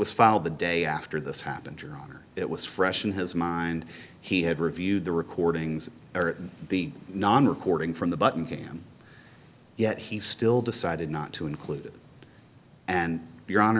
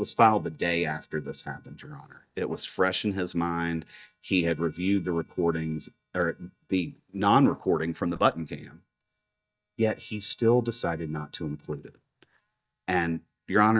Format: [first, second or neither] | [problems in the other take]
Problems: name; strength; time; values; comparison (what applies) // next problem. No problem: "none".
first | noise reduction (neural mask model DeepFilterNet 3)